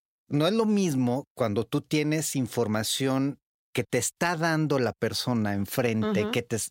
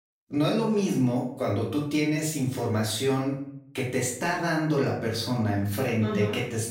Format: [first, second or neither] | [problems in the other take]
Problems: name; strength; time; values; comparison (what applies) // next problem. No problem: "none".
first | off-mic speech; far // room echo; noticeable; dies away in 0.5 s